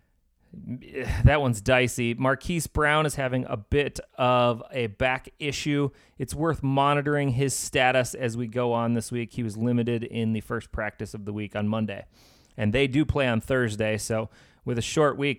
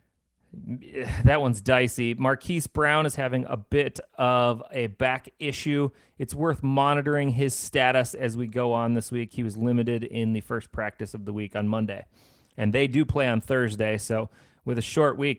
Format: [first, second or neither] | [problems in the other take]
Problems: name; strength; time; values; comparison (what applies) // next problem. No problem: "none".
first | garbled, watery; slightly